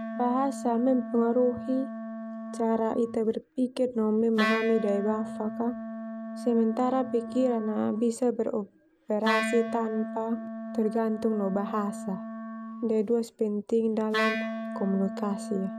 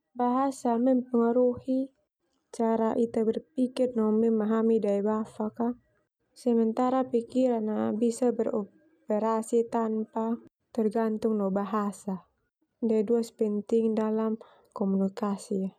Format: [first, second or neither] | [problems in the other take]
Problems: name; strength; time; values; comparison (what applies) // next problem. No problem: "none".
second | background sound (Wind instrument, woodwind instrument); 7 dB below the speech